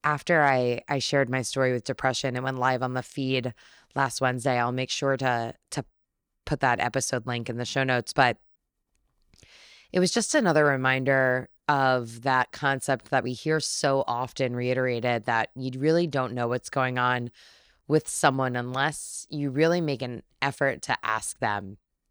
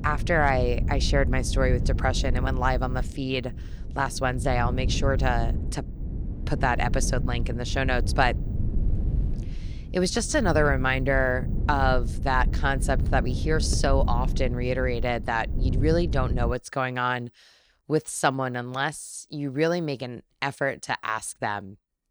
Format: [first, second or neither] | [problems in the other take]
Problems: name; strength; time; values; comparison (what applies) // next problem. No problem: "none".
first | wind noise on the microphone; occasional gusts; until 17 s; 15 dB below the speech